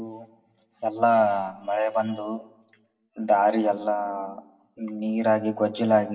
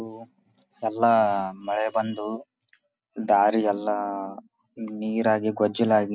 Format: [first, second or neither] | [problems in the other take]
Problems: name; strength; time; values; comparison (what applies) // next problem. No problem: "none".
second | room echo; dies away in 0.8 s